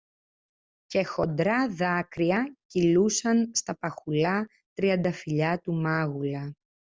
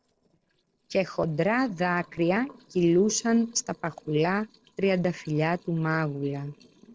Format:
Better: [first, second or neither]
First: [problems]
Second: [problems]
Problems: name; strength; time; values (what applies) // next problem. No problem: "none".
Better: first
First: none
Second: noise reduction (neural separator model SepFormer DNS4)